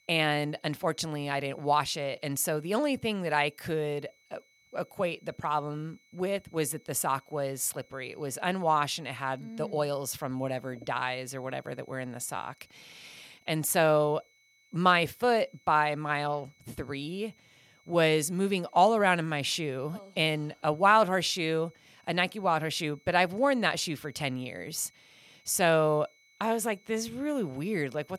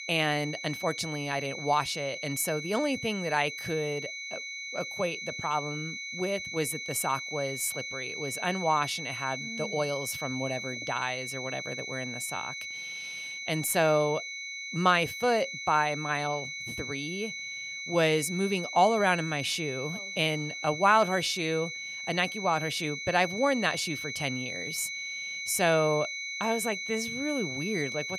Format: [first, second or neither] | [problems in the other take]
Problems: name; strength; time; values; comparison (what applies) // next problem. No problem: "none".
first | high-pitched whine; loud; throughout; 2 kHz, 6 dB below the speech; faint in the first